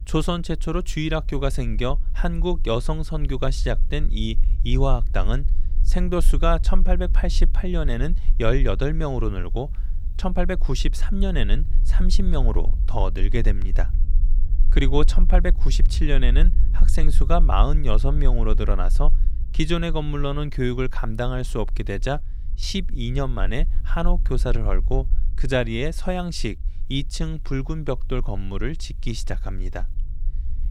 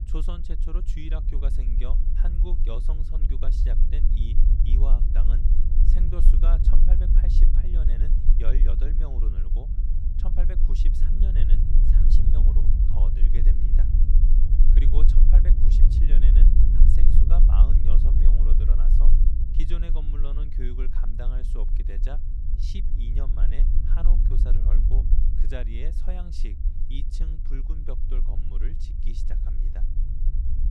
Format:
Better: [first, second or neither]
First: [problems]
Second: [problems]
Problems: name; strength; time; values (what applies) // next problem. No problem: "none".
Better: first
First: low rumble; faint; throughout; 20 dB below the speech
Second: low rumble; loud; throughout; 1 dB below the speech